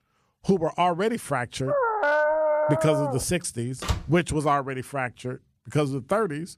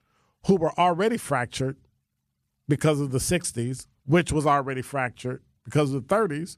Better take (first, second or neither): second